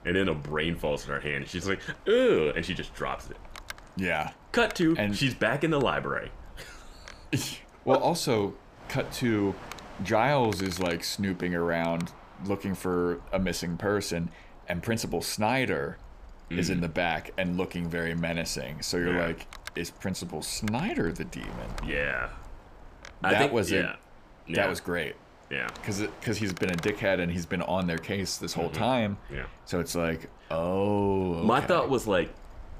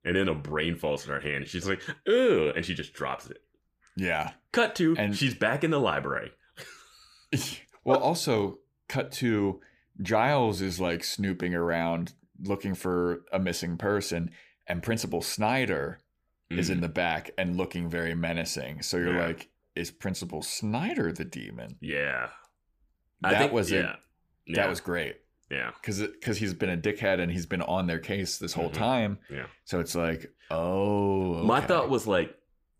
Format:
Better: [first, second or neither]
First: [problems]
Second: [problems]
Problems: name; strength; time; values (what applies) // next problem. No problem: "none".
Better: second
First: wind noise on the microphone; occasional gusts; 20 dB below the speech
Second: none